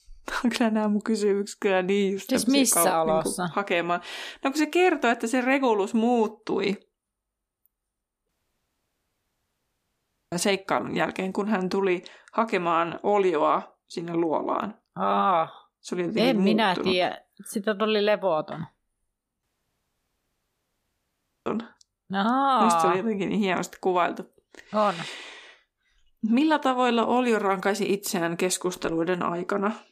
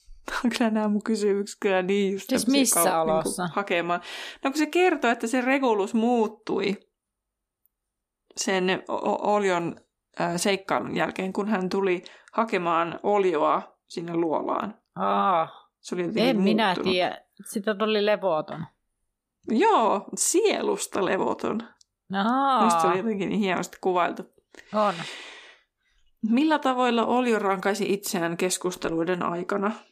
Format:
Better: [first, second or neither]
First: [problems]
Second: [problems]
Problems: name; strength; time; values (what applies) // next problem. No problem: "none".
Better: second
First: audio cutting out; at 8.5 s for 2 s and at 19 s for 2 s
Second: none